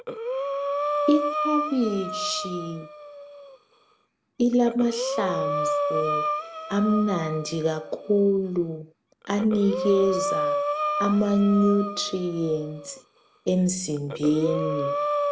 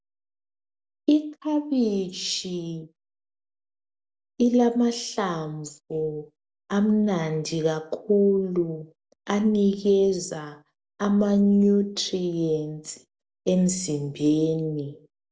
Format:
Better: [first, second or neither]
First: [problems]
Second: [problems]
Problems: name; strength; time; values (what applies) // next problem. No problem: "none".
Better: second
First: background sound (Breathing); 4 dB below the speech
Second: none